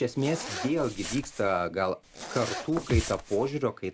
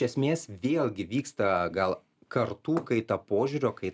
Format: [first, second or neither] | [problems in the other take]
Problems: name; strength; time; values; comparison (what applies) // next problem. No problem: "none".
second | background sound (Zipper (clothing) + Thump, thud); 7 dB below the speech